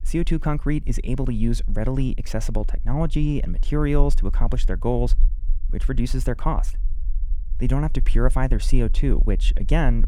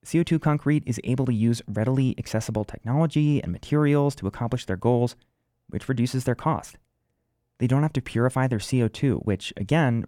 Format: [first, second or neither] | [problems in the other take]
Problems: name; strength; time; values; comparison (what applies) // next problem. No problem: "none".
second | low rumble; faint; throughout; 25 dB below the speech